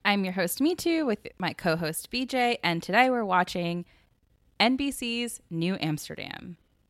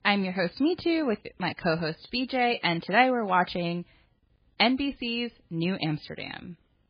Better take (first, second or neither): first